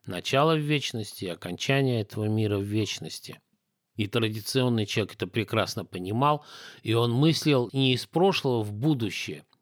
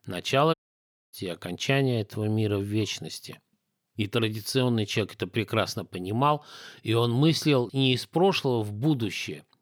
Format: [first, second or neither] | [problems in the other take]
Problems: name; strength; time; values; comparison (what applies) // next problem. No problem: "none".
first | audio cutting out; at 0.5 s for 0.5 s